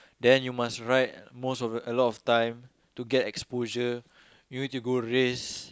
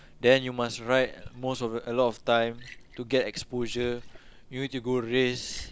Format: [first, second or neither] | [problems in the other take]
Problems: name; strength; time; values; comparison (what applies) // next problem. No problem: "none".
first | background sound (Liquid); 17 dB below the speech